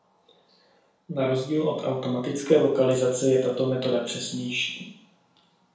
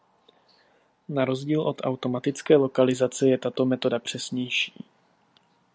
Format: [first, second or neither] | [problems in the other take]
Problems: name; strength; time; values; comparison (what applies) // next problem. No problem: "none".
second | room echo; dies away in 0.7 s